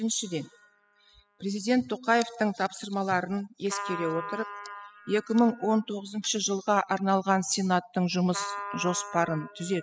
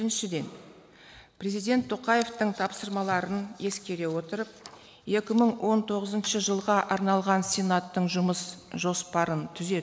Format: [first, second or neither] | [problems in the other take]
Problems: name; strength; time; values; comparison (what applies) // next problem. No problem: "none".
second | noise reduction (classical method spectral subtraction)